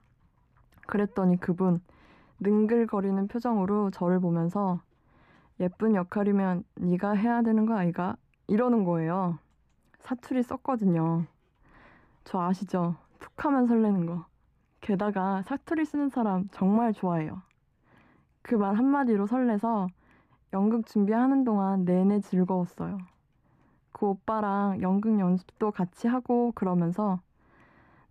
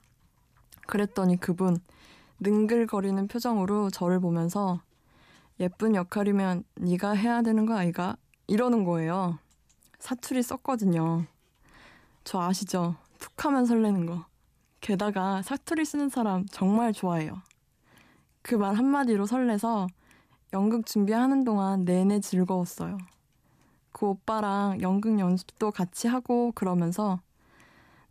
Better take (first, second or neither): second